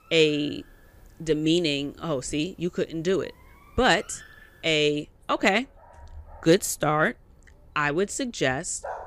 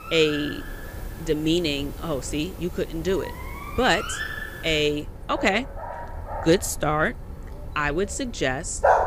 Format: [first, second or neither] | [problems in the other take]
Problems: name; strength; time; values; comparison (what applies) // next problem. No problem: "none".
first | animal sounds; loud; throughout; 9 dB below the speech; faint in the first